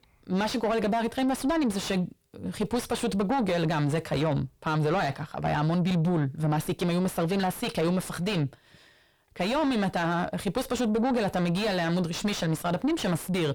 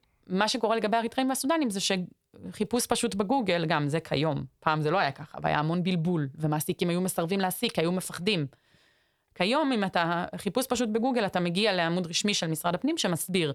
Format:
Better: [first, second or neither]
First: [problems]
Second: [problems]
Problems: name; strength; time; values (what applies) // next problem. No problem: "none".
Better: second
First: distortion; heavy; 6 dB below the speech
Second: none